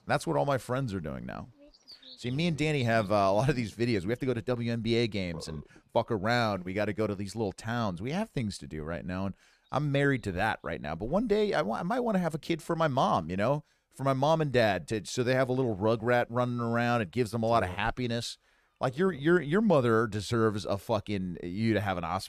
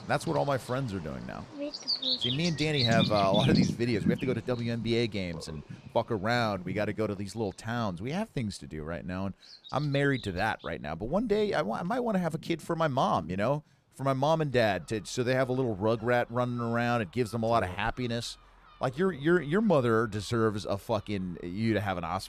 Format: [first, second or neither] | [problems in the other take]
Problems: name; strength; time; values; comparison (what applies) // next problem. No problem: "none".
first | animal sounds; loud; throughout; 3 dB below the speech; faint in the first